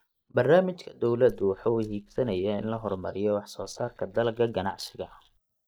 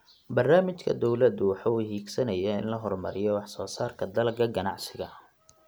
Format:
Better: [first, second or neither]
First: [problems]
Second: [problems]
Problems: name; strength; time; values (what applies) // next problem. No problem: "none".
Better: second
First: noise reduction (neural mask model DeepFilterNet 3)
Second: none